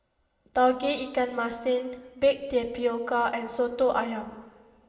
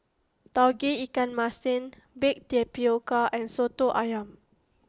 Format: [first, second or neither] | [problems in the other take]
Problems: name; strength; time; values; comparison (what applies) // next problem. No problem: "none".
second | room echo; dies away in 1.8 s